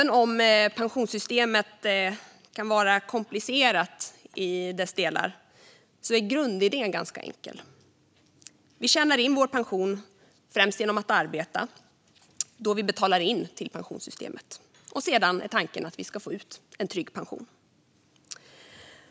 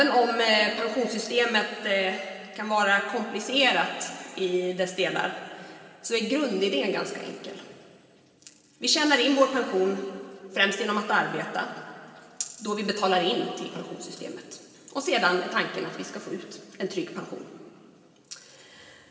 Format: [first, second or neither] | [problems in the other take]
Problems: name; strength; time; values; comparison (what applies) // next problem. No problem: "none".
first | room echo; dies away in 2.5 s